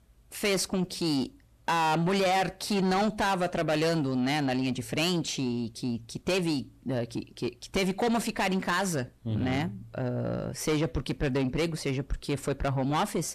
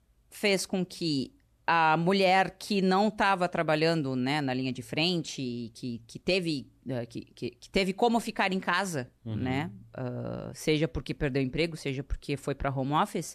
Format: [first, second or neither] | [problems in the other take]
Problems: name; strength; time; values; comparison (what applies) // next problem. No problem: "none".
second | distortion; heavy; 7 dB below the speech